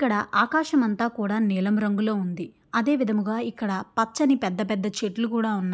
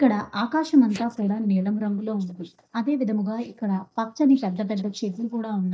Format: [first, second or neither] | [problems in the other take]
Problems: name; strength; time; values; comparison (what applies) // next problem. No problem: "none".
first | noise reduction (neural mask model DeepFilterNet 3)